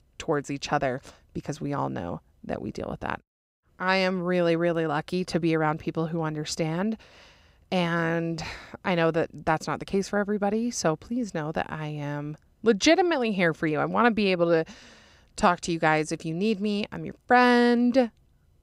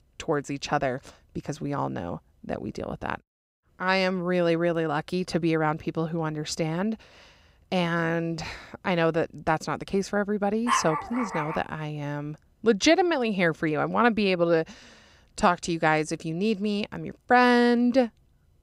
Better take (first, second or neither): first